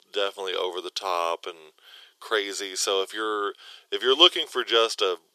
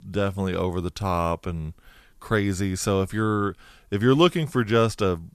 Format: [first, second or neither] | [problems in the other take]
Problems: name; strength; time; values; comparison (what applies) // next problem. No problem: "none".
second | thin; very; fading below 400 Hz